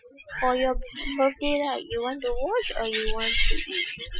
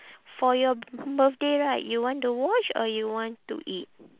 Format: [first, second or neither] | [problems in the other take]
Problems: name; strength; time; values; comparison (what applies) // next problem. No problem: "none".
second | noise reduction (classical method Wiener filter)